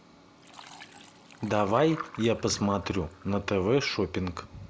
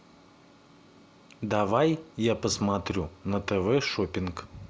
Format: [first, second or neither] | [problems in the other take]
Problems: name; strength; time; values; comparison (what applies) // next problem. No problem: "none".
second | background sound (Liquid); 19 dB below the speech